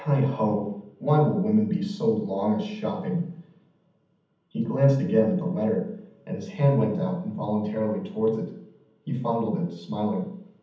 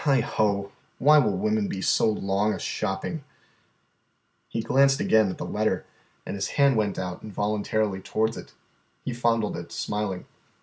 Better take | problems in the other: second | room echo; dies away in 0.8 s

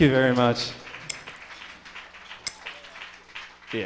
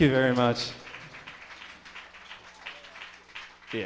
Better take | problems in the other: second | background sound (Shatter); 17 dB below the speech

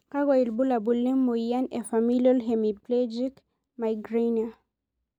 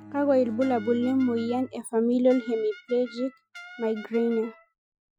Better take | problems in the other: first | noise reduction (classical method Wiener filter)

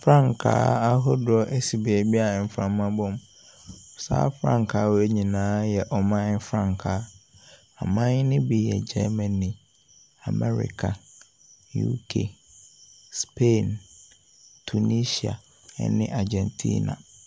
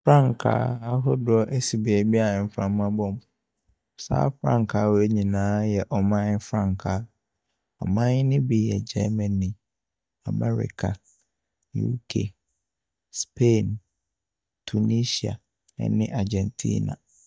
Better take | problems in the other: first | noise reduction (neural mask model DeepFilterNet 3)

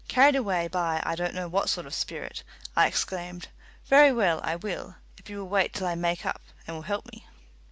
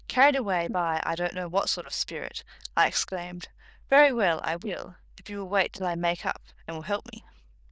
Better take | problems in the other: first | noise reduction (neural diffusion model UNIVERSE++)

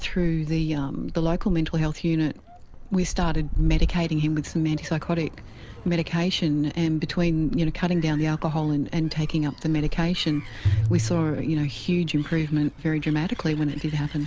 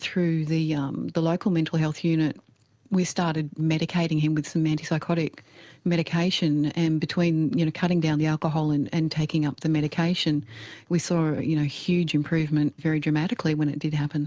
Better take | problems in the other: second | background sound (Gull, seagull + Bowed string instrument); 6 dB below the speech

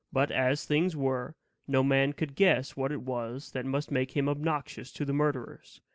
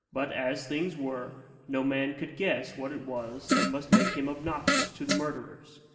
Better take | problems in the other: first | background sound (Fart); 4 dB above the speech // room echo; dies away in 1.9 s

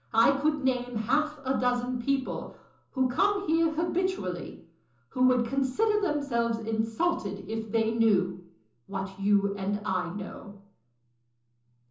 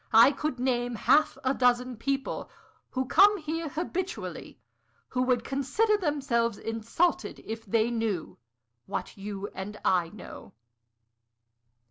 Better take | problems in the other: second | room echo; dies away in 0.6 s

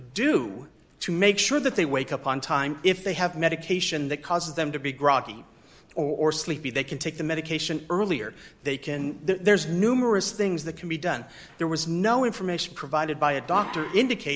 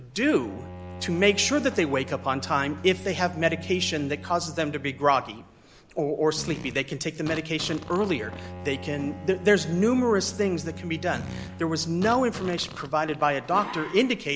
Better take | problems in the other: first | background sound (Bowed string instrument + Fart); 14 dB below the speech

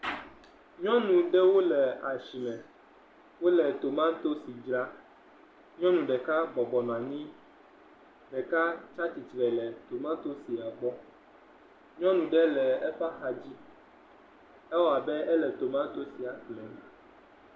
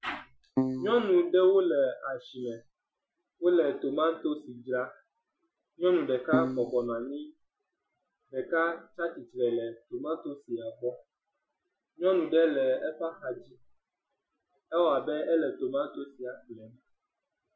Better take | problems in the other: first | noise reduction (classical method Wiener filter)

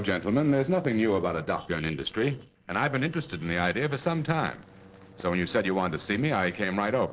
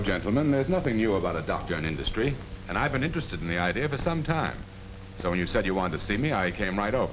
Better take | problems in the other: second | noise reduction (neural separator model SepFormer DNS4)

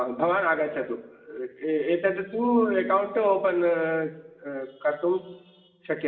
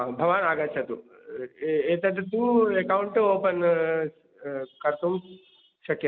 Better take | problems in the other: second | room echo; dies away in 0.9 s

